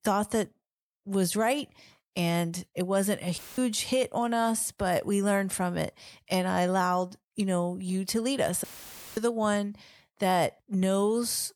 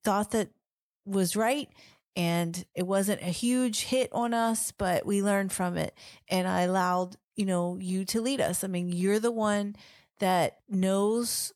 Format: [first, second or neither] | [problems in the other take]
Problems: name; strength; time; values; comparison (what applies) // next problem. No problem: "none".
second | audio cutting out; filled with static; at 3.5 s and at 8.5 s for 0.5 s